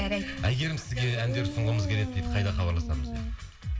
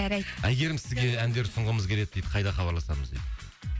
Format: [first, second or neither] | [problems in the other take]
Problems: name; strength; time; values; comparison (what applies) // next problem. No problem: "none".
second | background sound (Dog); 10 dB below the speech // room echo; dies away in 0.7 s